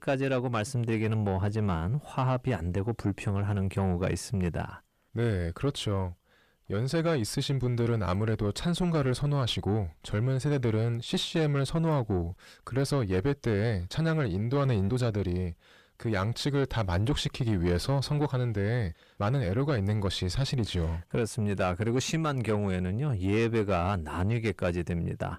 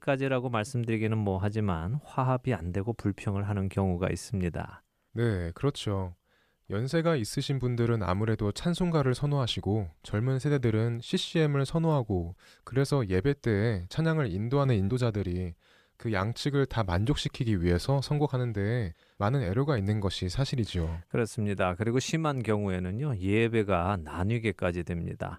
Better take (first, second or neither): second